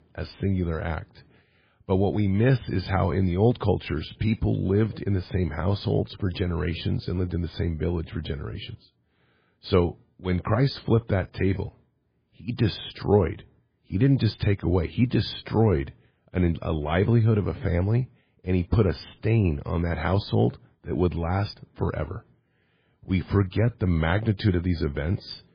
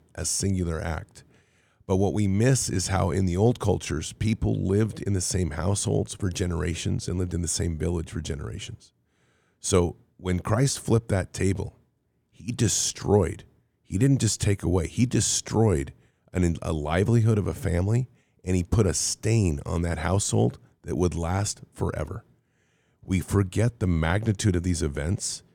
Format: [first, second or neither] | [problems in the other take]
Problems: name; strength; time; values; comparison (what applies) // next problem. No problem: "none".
second | garbled, watery; badly; nothing above 5 kHz